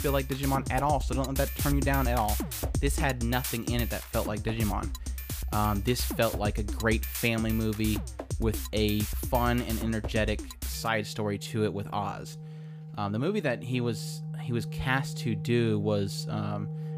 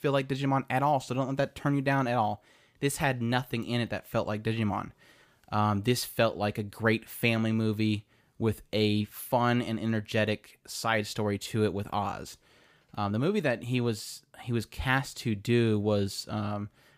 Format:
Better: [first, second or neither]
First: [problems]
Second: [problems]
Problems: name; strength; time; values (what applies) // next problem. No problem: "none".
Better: second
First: background music; loud; throughout; 5 dB below the speech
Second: none